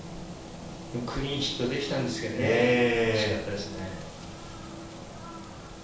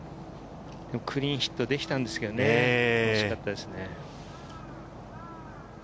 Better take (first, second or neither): second